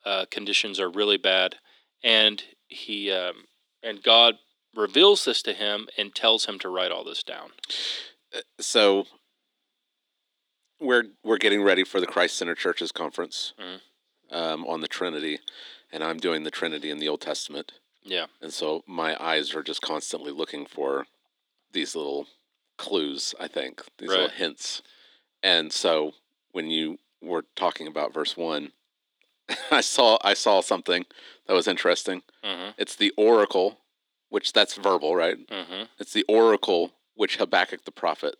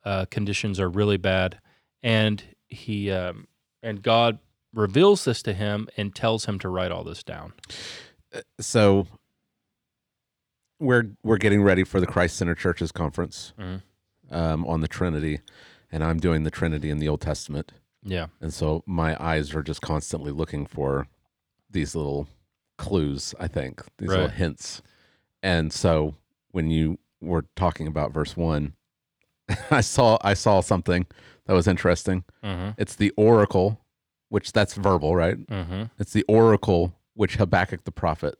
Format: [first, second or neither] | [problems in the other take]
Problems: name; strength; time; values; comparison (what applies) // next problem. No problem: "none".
second | thin; somewhat; fading below 300 Hz